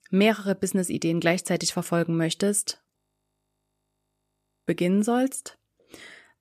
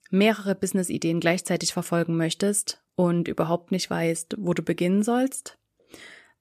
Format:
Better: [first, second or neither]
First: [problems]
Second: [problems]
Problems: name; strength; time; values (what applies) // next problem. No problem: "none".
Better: second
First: audio freezing; at 3 s for 1.5 s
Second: none